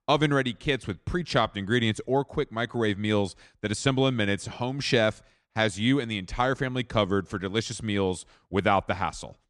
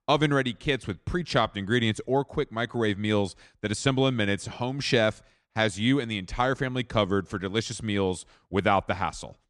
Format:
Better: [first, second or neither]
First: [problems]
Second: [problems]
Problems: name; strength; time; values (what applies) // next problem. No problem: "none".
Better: neither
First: none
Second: none